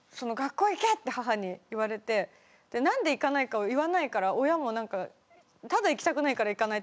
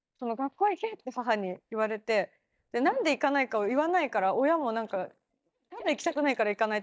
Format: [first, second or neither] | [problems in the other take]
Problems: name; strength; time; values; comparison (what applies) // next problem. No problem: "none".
first | noise reduction (neural mask model DeepFilterNet 3)